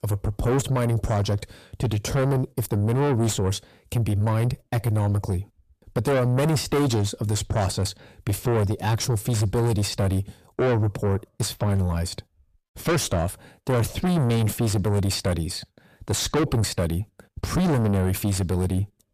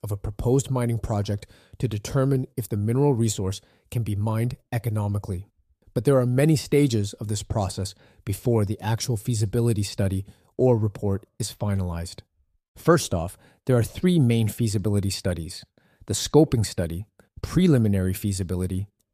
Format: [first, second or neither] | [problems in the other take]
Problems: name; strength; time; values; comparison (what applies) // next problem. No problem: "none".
second | distortion; heavy; 5 dB below the speech